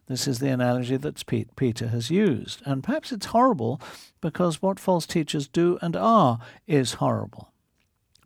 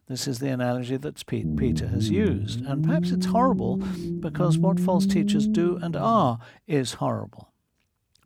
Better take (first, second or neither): first